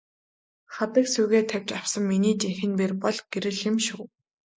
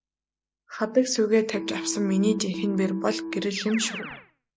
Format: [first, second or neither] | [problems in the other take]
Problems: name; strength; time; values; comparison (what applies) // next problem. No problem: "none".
first | background sound (Keyboard (musical)); 10 dB below the speech